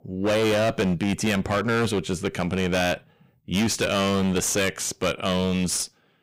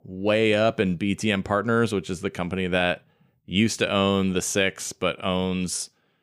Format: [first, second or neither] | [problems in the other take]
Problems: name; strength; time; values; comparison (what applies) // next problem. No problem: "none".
second | distortion; heavy; 21% of the sound clipped